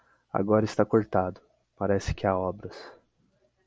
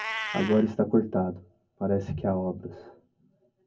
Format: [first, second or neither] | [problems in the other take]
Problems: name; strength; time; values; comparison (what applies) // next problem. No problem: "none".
first | background sound (Meow); 12 dB below the speech // room echo; dies away in 0.3 s